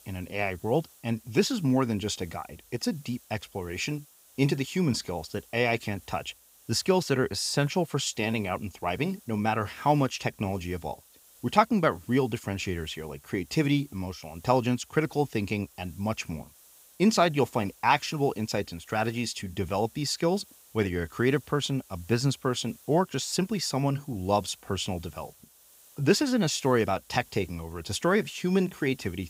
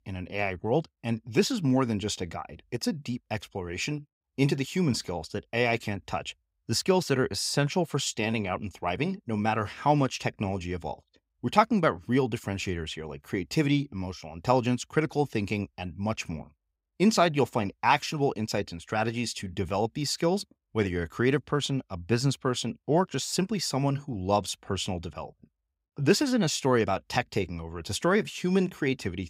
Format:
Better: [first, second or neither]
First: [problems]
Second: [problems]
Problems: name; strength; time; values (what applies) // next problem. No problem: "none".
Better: second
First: hiss; faint; throughout; 25 dB below the speech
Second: none